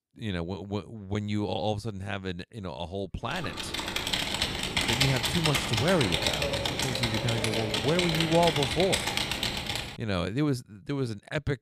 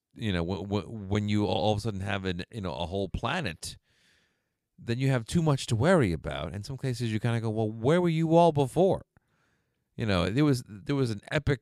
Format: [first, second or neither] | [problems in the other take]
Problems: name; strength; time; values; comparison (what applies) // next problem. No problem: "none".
second | keyboard typing; loud; from 3.5 to 10 s; peak 6 dB above the speech